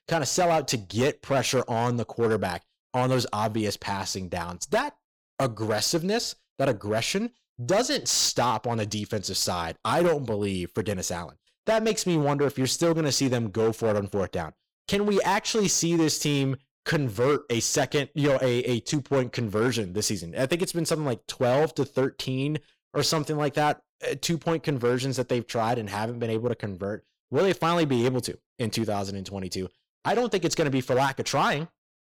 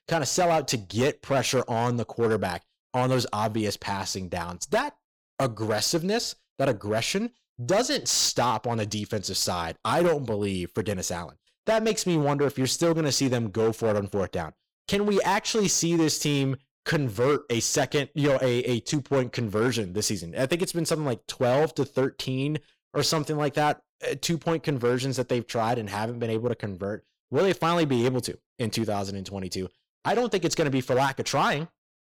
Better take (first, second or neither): neither